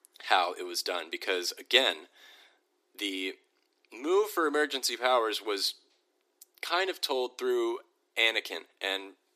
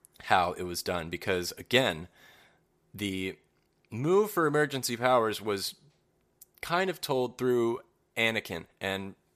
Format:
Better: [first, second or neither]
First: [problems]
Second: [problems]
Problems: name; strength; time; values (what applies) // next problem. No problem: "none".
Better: second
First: thin; somewhat; fading below 300 Hz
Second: none